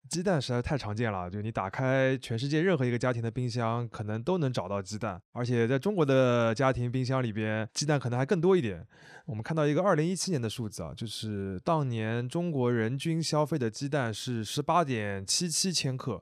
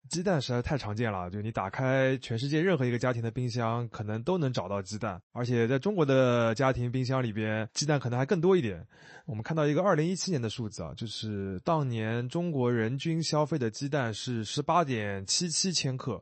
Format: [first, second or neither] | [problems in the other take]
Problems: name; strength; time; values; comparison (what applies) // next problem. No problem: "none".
first | garbled, watery; slightly; nothing above 8 kHz